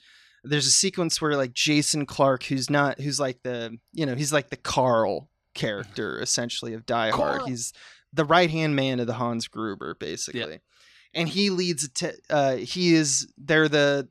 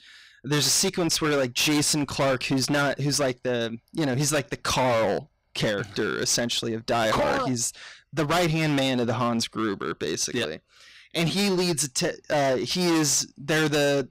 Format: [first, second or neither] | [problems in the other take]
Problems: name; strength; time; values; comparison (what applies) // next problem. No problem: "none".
first | distortion; heavy; 20% of the sound clipped